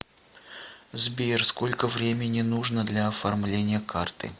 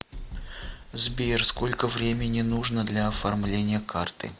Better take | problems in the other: first | background sound (Drum kit); 10 dB below the speech

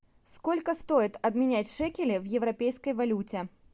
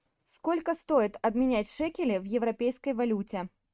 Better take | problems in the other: first | noise reduction (neural mask model RNNoise)

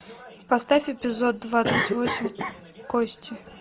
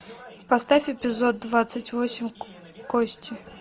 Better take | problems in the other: second | background sound (Cough); 6 dB below the speech

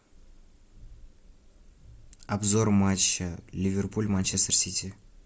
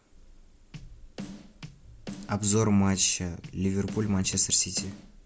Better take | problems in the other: first | background sound (Bass drum / Snare drum); 15 dB below the speech

